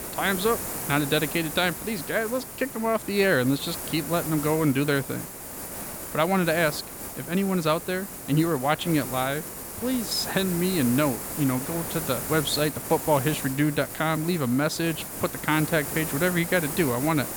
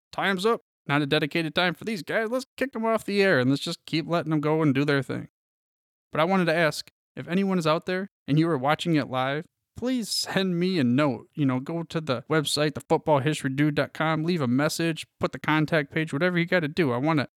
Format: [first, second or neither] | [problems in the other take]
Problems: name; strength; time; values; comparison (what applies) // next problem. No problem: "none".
second | hiss; loud; throughout; 7 dB below the speech